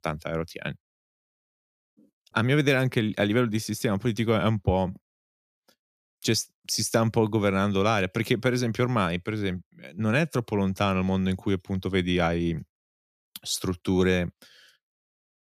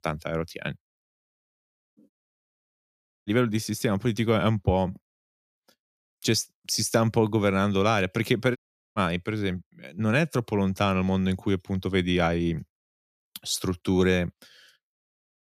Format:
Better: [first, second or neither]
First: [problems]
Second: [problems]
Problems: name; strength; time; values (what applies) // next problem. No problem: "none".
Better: first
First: none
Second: audio cutting out; at 2 s for 1 s and at 8.5 s